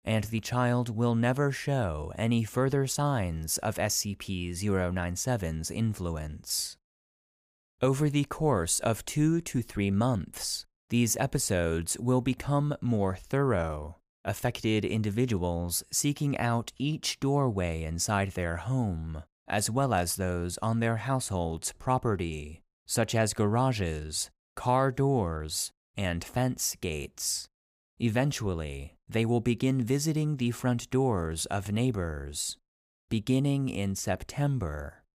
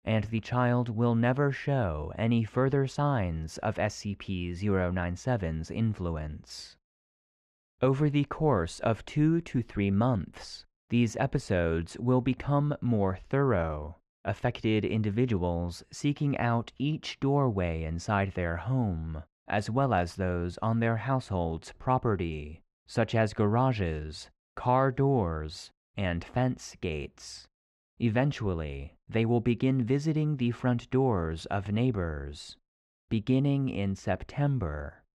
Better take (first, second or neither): first